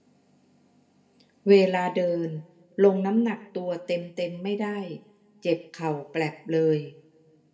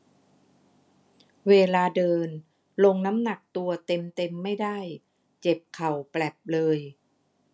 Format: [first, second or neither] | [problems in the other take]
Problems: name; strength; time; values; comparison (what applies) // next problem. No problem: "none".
second | room echo; dies away in 0.7 s